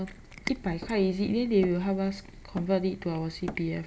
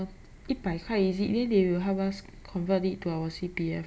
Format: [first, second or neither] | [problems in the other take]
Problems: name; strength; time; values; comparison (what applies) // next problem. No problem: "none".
second | background sound (Cat + Hammer); 15 dB below the speech